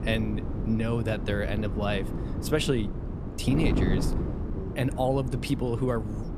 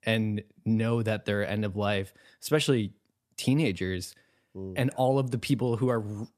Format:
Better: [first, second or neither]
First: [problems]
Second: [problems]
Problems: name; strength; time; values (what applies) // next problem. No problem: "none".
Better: second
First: wind noise on the microphone; heavy; 8 dB below the speech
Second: none